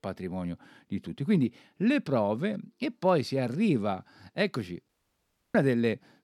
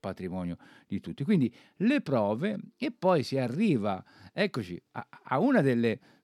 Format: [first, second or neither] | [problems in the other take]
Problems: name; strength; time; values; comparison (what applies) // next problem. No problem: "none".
second | audio cutting out; at 5 s for 0.5 s